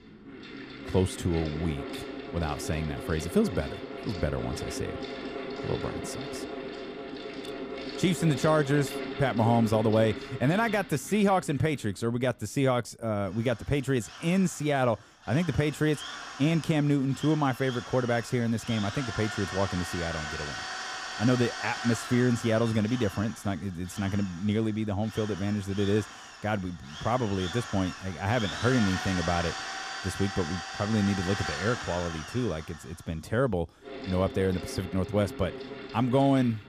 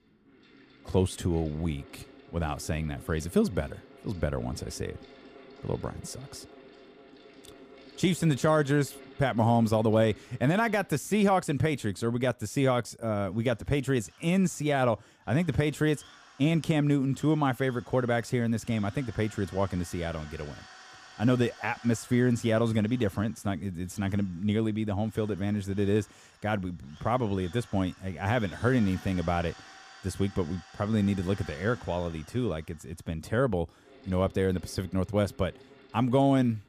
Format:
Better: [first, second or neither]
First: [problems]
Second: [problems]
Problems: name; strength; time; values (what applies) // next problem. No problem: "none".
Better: second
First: machinery noise; loud; throughout; 9 dB below the speech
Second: machinery noise; faint; throughout; 25 dB below the speech